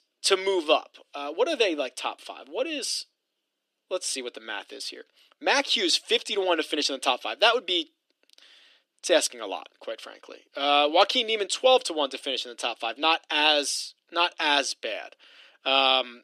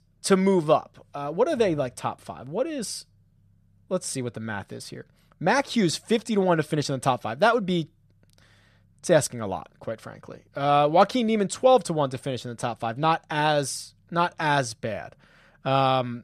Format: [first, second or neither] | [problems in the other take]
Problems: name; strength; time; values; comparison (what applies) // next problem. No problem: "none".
second | thin; somewhat; fading below 300 Hz